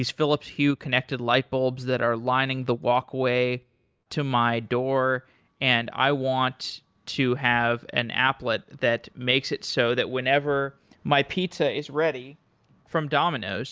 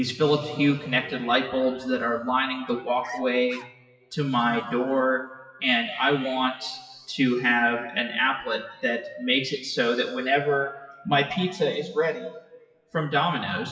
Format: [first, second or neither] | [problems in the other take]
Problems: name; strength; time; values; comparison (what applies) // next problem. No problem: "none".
first | noise reduction (classical method WPE with log-MMSE)